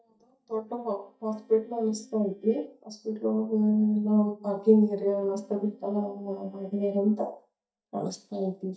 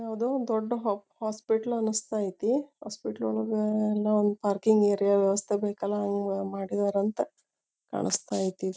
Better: second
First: noise reduction (neural mask model DeepFilterNet 3)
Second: none

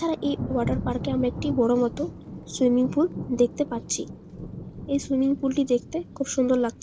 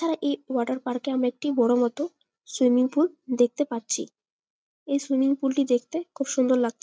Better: second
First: background sound (Thunder); 10 dB below the speech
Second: none

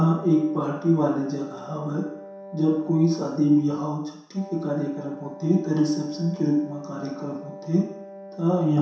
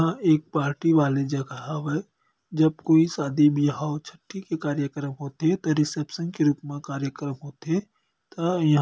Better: second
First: background sound (Wind instrument, woodwind instrument); 17 dB below the speech // room echo; dies away in 0.7 s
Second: none

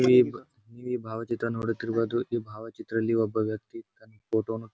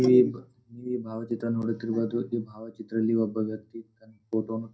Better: first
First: none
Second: room echo; dies away in 0.3 s

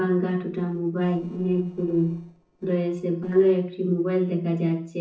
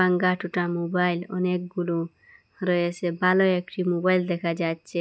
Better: second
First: noise reduction (neural separator model SepFormer DNS4)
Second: none

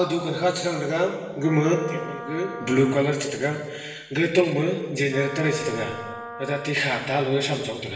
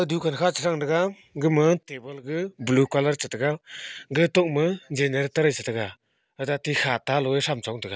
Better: second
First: background sound (Wind instrument, woodwind instrument); 14 dB below the speech // room echo; dies away in 1.2 s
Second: none

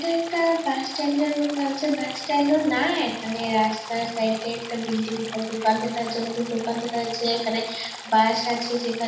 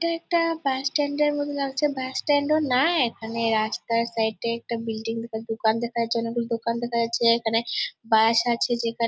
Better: second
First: background sound (Stream); 14 dB below the speech // room echo; dies away in 0.8 s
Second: none

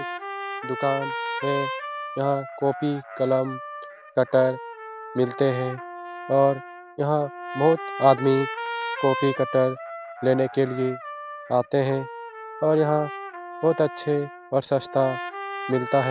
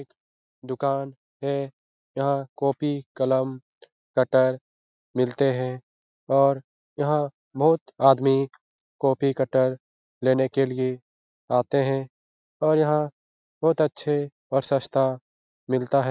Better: second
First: background sound (Trumpet); 9 dB below the speech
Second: none

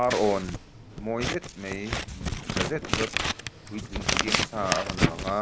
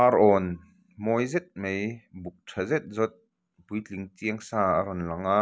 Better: second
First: background sound (Scissors); 1 dB above the speech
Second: none

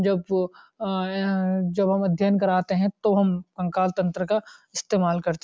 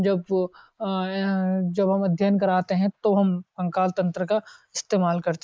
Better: first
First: none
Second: noise reduction (neural mask model Resemble Enhance denoiser)

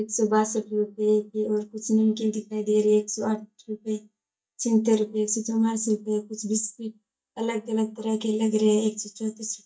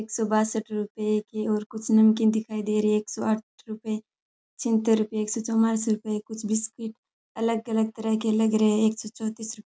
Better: second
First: noise reduction (neural mask model DeepFilterNet 3)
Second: none

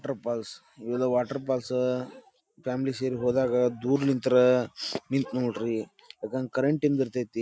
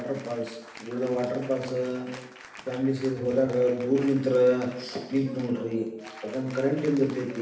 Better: first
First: none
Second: background sound (Applause / Cheering); 19 dB below the speech // room echo; dies away in 0.8 s

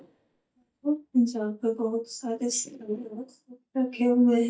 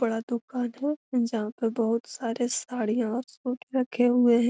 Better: second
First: noise reduction (neural mask model DeepFilterNet 3)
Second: none

